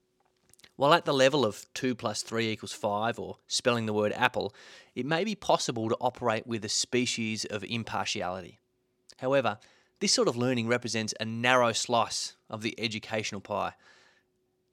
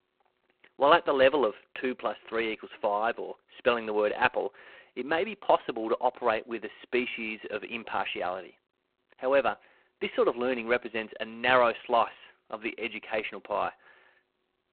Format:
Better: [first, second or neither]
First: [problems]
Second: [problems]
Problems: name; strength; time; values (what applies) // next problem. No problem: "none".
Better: first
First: none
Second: phone-call audio; poor line